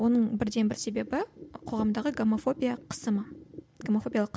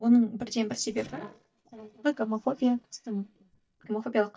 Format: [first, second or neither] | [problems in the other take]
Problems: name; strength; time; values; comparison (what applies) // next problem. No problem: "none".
first | noise reduction (neural mask model DeepFilterNet 3)